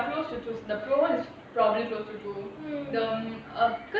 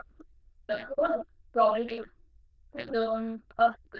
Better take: first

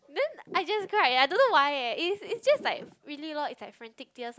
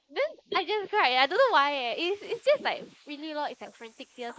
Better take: first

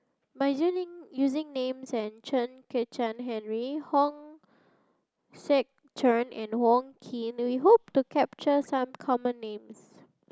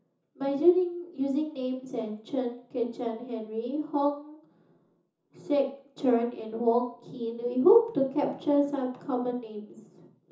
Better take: first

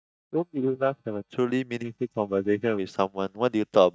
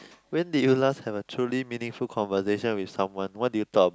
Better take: second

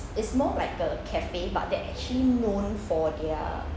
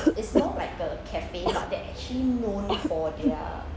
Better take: first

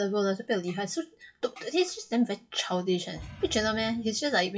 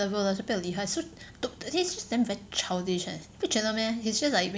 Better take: second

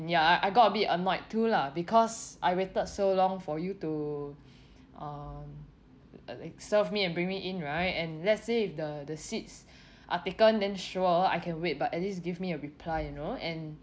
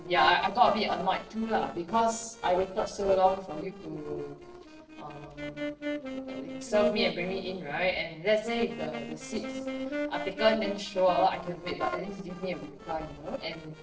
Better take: first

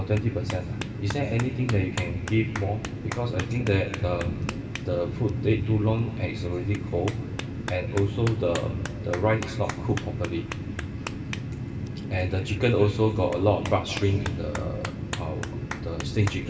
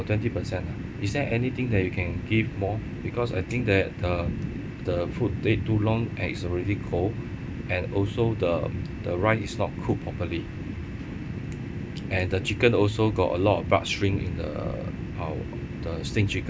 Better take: second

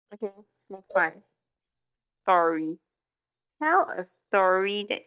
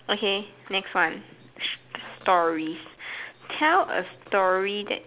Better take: second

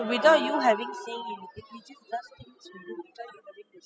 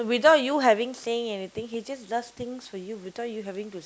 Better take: second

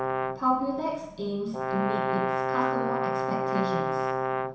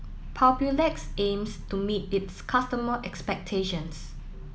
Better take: second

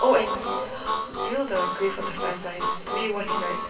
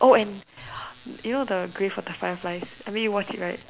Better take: second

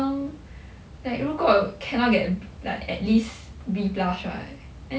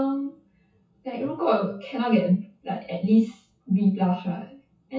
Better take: first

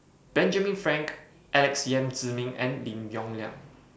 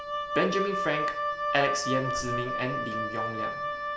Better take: first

